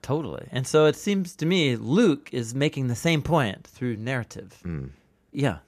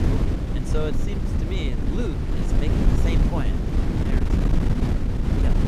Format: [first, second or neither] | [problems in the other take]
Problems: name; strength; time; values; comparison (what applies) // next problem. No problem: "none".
first | wind noise on the microphone; heavy; 3 dB above the speech